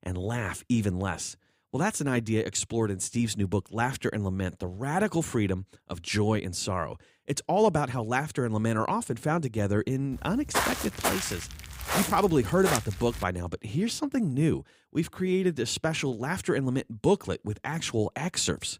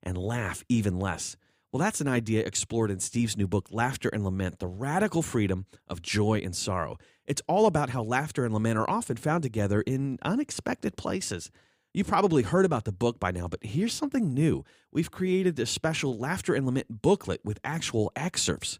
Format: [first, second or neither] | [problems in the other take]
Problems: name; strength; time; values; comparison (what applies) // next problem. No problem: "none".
second | footsteps; loud; from 10 to 13 s; peak 1 dB above the speech